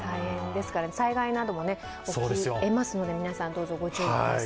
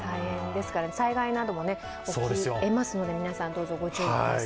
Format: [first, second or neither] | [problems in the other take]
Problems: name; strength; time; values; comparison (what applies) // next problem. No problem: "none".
first | background sound (Wind instrument, woodwind instrument); 17 dB below the speech